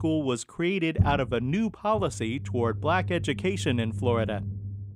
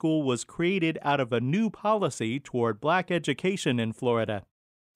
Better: second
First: low rumble; noticeable; throughout; 15 dB below the speech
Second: none

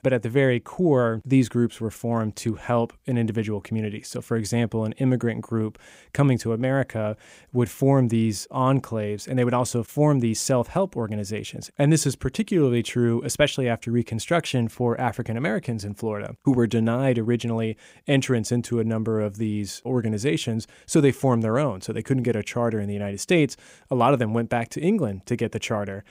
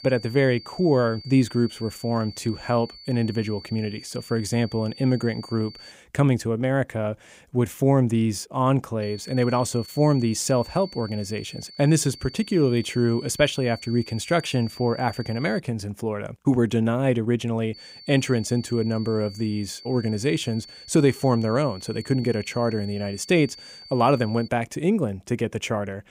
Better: first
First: none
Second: high-pitched whine; noticeable; until 6 s, from 9 to 16 s and from 18 to 24 s; 4.5 kHz, 15 dB below the speech

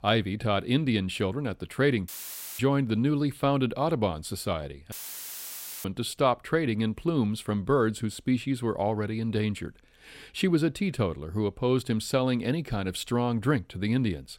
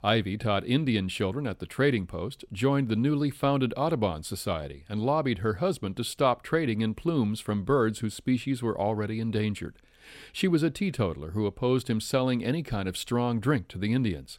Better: second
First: audio cutting out; filled with static; at 2 s for 0.5 s and at 5 s for 1 s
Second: none

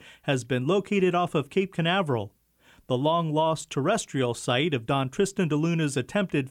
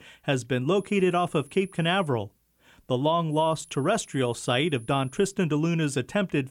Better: first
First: none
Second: high-pitched whine; faint; from 1 to 2 s and from 3.5 to 5.5 s; 10.5 kHz, 25 dB below the speech

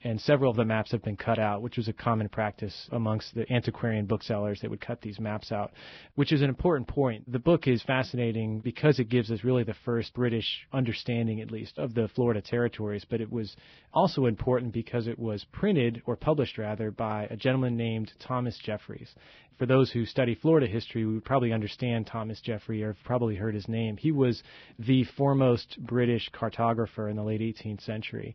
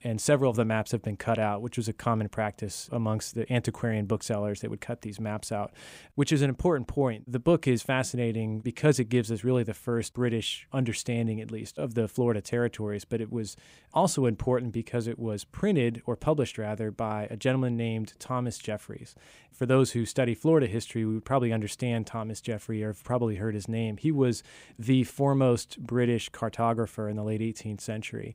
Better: second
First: garbled, watery; badly; nothing above 5.5 kHz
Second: none

